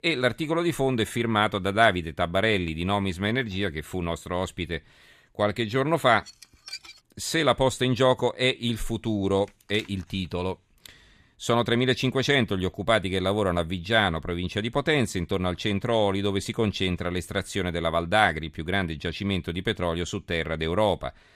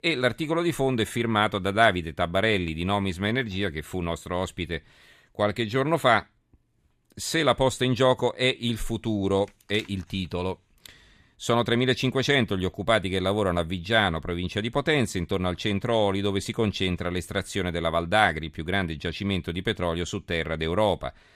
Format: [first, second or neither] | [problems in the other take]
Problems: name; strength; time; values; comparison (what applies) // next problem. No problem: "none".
second | clattering dishes; faint; at 6.5 s; peak 15 dB below the speech